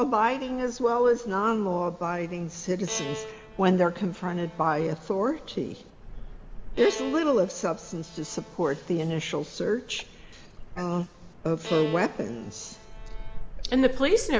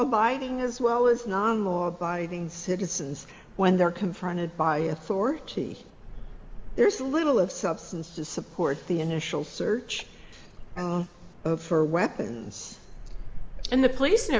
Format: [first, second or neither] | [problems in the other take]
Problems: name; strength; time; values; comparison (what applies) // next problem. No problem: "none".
second | background sound (Bowed string instrument); 15 dB below the speech